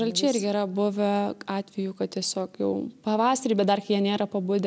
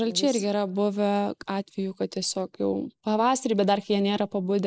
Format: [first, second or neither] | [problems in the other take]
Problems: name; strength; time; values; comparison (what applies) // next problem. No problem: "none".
first | noise reduction (neural mask model Resemble Enhance denoiser)